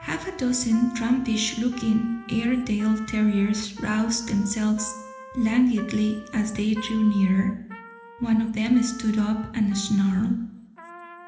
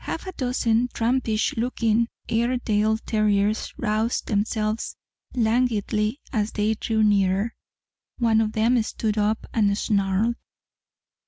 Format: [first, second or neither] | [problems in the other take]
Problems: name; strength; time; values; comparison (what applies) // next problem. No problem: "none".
second | background sound (Trumpet); 19 dB below the speech // room echo; dies away in 1 s